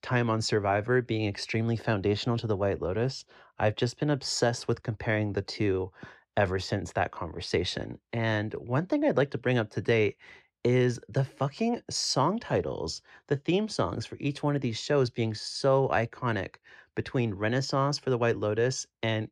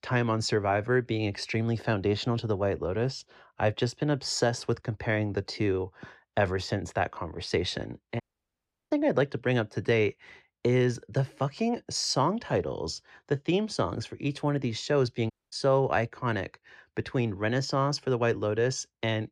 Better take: first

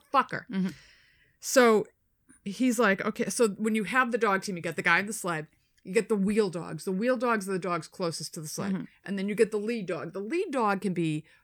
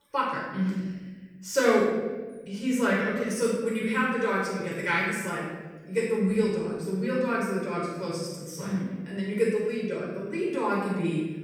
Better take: first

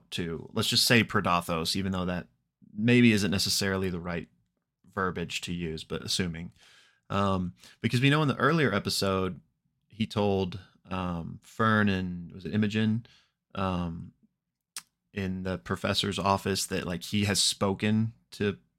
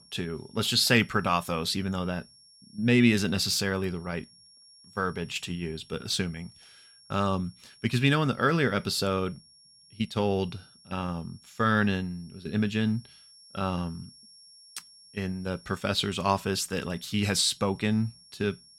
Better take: first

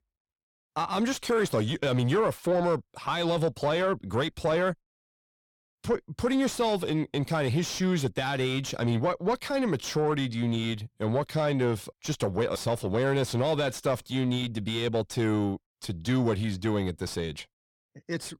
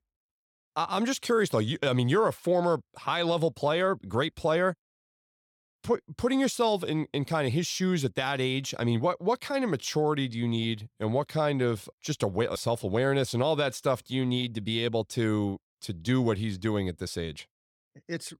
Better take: second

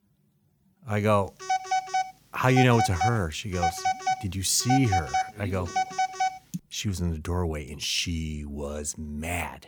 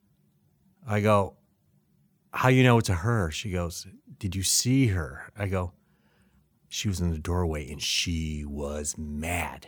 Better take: second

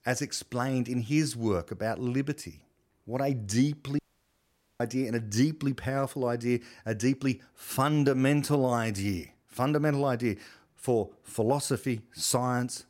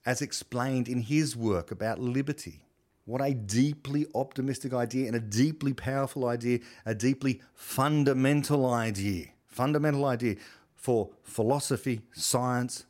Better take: second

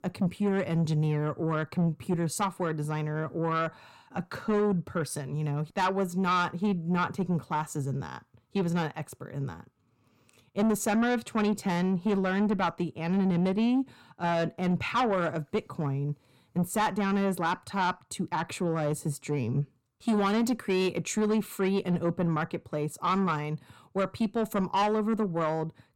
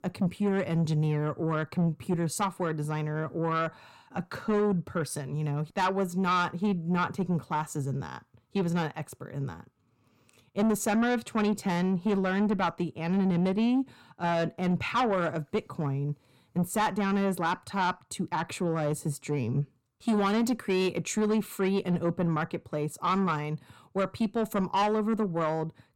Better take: neither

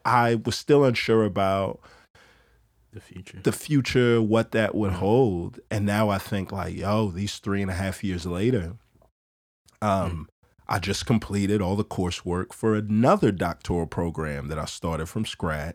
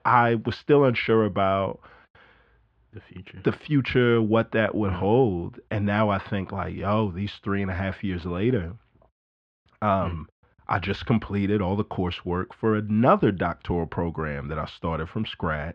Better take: first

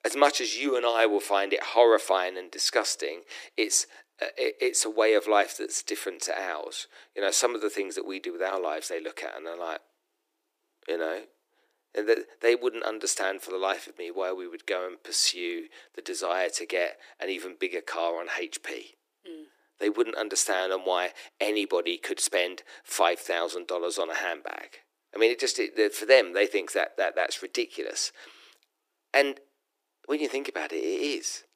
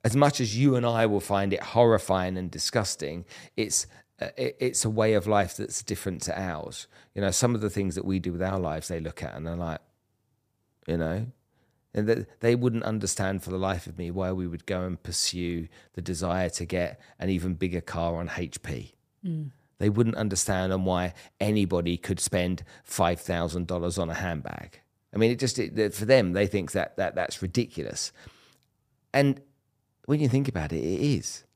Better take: second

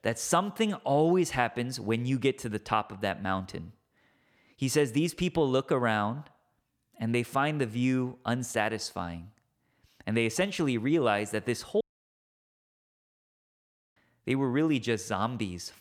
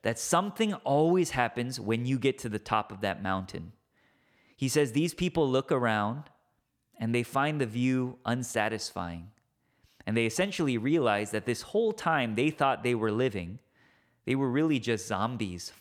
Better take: second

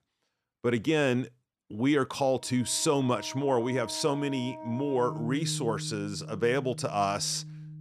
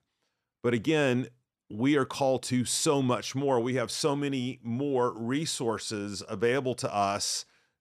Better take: second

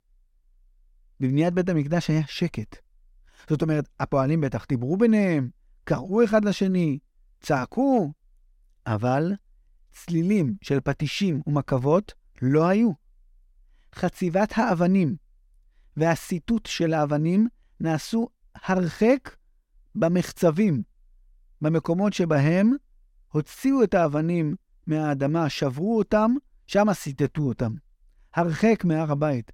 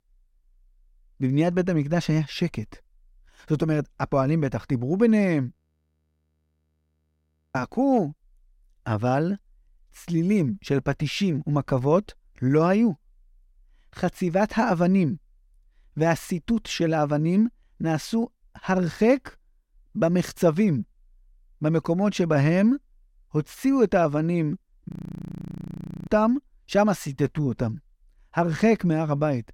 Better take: first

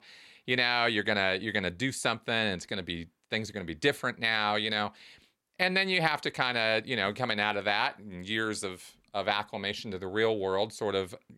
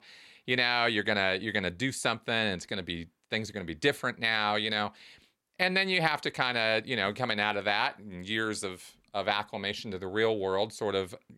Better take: neither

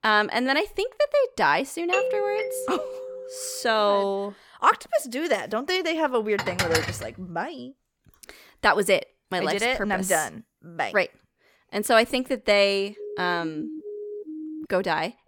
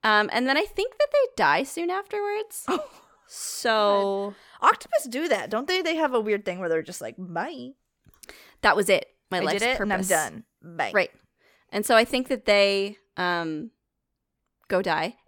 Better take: second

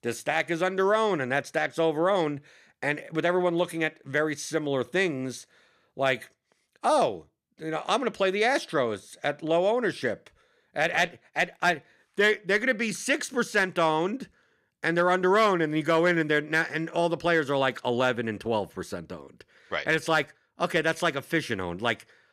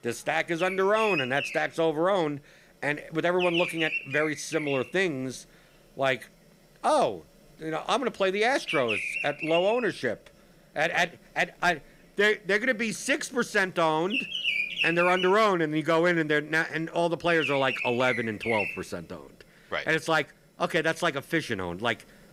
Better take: first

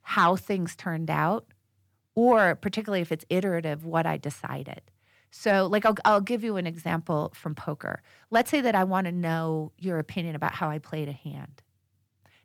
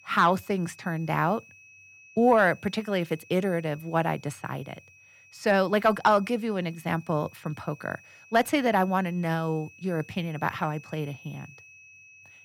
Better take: first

